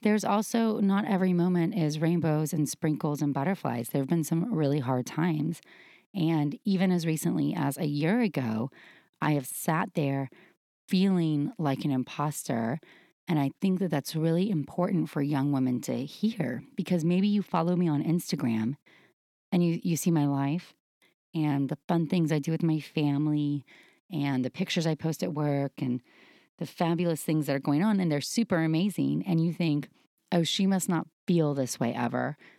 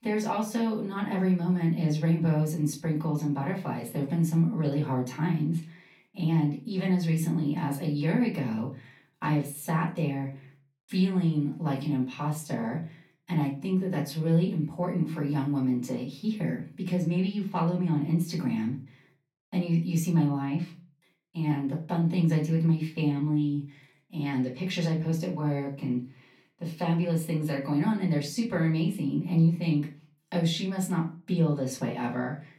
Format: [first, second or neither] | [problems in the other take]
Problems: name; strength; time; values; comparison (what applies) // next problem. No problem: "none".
first | off-mic speech; far // room echo; very slight; dies away in 0.3 s